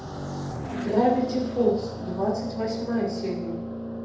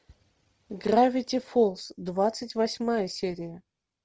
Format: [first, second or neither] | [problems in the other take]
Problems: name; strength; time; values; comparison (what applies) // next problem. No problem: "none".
second | background sound (Car passing by); 5 dB below the speech // room echo; dies away in 0.8 s